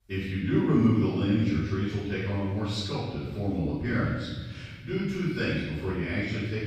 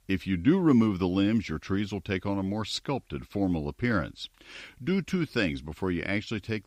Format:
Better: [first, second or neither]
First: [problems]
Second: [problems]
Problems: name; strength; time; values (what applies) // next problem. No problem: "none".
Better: second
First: off-mic speech; far // room echo; strong; dies away in 1.6 s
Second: none